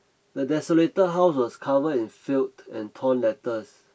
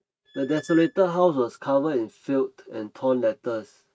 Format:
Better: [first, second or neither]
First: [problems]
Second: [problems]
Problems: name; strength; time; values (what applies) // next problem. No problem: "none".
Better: first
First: none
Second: noise reduction (neural mask model RNNoise)